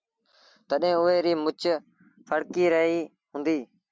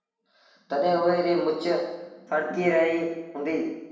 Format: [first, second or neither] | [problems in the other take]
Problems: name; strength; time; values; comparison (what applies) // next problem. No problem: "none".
first | room echo; dies away in 0.9 s